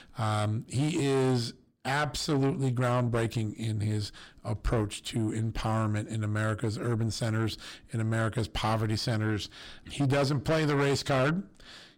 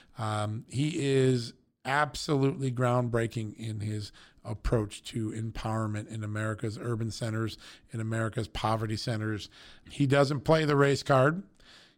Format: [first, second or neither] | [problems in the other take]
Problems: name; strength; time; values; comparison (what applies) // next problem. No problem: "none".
second | distortion; heavy; 7 dB below the speech